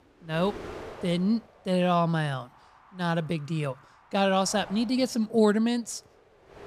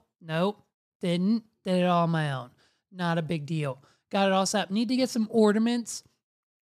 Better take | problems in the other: second | wind noise on the microphone; occasional gusts; 20 dB below the speech

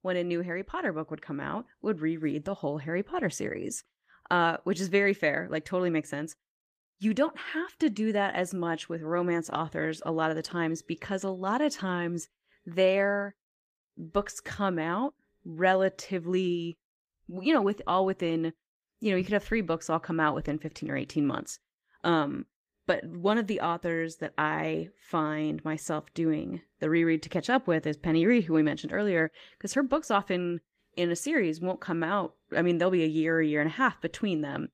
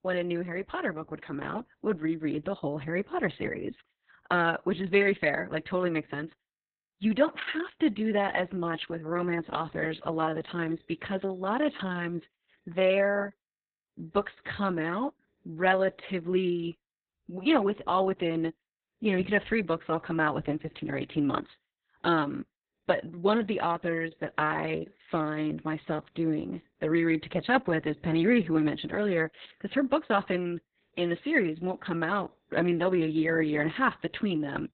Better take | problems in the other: first | garbled, watery; badly; nothing above 4 kHz; slightly in the first

